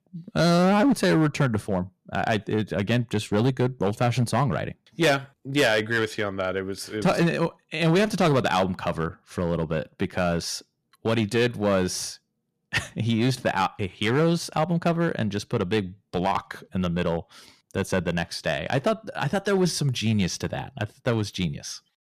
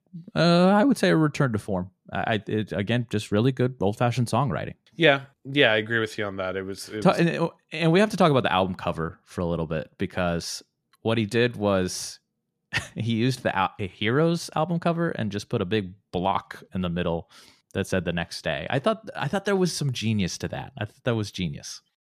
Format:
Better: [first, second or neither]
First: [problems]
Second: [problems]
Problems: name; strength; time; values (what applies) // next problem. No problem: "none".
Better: second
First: distortion; slight; 5% of the sound clipped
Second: none